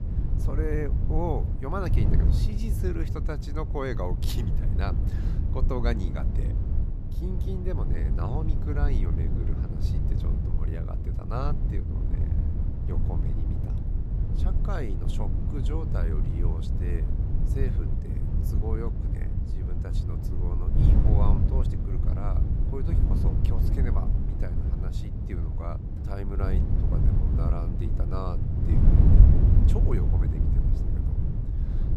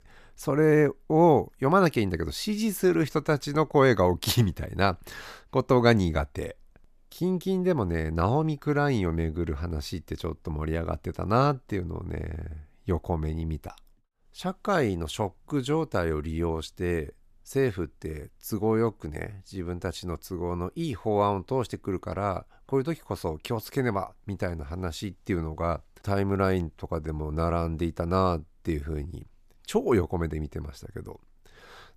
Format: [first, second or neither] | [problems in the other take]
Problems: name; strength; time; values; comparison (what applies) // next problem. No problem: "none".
second | wind noise on the microphone; heavy; 2 dB below the speech